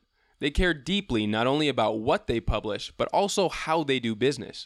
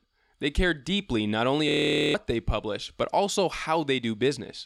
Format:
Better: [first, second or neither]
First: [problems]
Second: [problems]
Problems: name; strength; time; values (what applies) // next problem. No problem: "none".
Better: first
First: none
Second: audio freezing; at 1.5 s